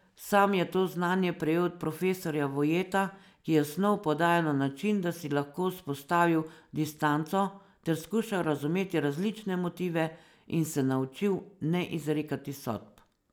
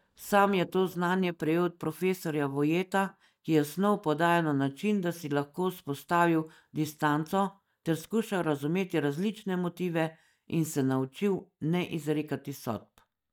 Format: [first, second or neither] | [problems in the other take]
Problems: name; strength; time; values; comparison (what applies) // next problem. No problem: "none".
first | noise reduction (neural mask model DeepFilterNet 3)